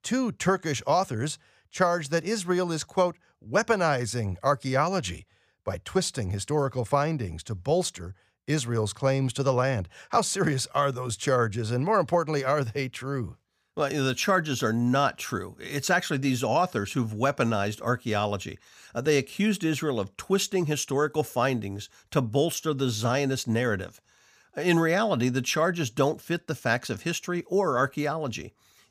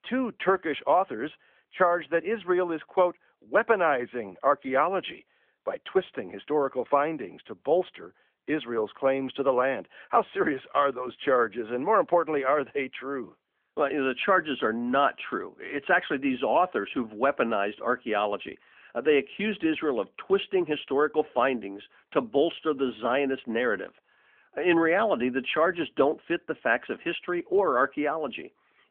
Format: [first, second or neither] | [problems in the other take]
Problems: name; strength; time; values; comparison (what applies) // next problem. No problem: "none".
first | phone-call audio; nothing above 3.5 kHz